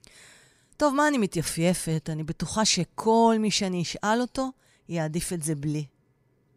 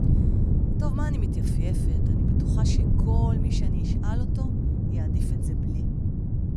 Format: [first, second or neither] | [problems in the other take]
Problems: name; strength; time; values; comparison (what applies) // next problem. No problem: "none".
first | wind noise on the microphone; heavy; 4 dB above the speech